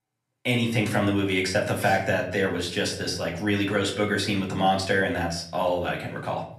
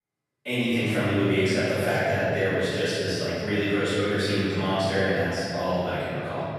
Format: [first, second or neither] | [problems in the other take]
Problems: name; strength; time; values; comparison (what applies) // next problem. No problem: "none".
first | room echo; strong; dies away in 2.8 s; slight in the first // off-mic speech; far; somewhat distant in the first